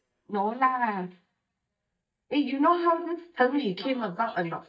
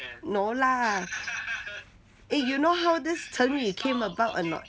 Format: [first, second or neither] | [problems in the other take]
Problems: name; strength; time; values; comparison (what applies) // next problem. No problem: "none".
second | noise reduction (neural mask model DeepFilterNet 3)